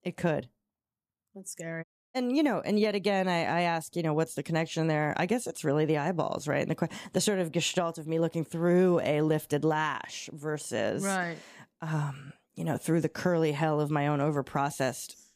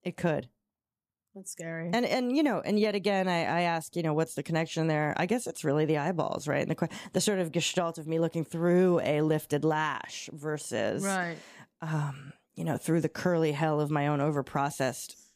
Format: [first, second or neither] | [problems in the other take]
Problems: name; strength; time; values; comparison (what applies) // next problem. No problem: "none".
second | audio cutting out; at 2 s